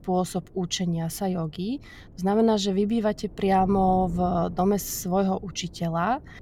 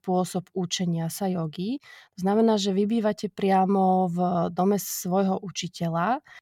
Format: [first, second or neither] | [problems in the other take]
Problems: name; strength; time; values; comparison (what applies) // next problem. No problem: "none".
second | wind noise on the microphone; occasional gusts; 25 dB below the speech